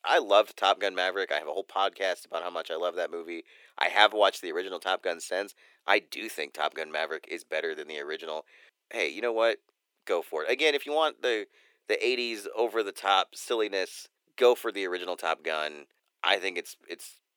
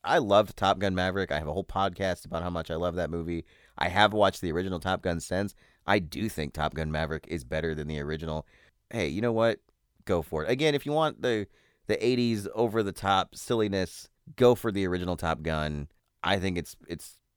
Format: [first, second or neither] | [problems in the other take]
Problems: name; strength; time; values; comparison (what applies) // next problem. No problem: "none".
second | thin; very; fading below 350 Hz